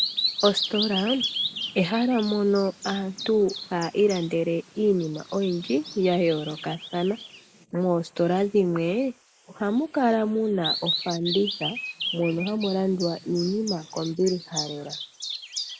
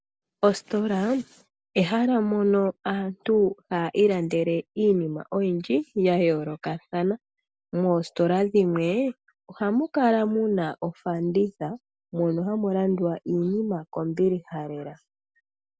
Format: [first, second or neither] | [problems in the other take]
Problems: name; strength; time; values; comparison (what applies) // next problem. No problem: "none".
second | noise reduction (neural mask model Resemble Enhance denoiser)